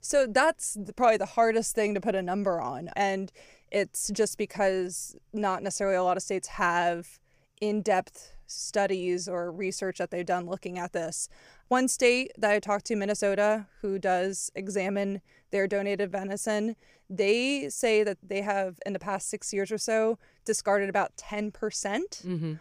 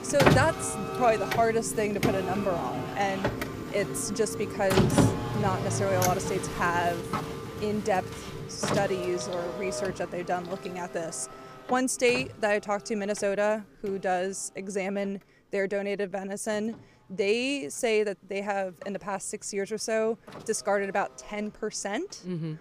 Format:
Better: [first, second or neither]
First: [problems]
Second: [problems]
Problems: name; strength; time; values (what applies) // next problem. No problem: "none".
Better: first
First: none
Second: traffic noise; loud; throughout; 2 dB below the speech